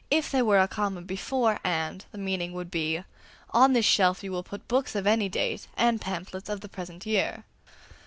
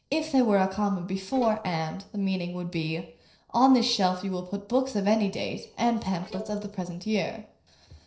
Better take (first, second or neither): first